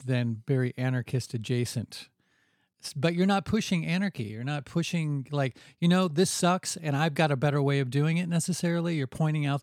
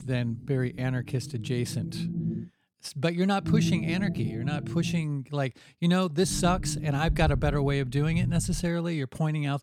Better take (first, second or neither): first